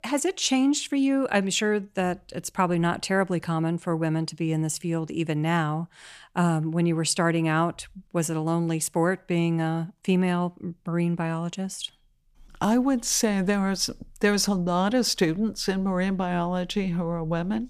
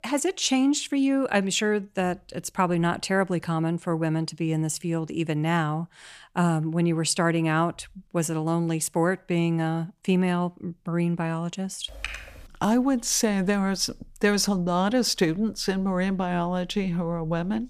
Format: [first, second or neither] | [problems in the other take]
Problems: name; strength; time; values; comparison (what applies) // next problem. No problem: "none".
first | keyboard typing; noticeable; at 12 s; peak 10 dB below the speech